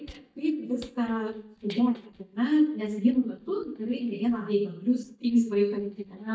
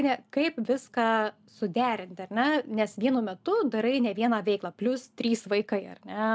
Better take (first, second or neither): second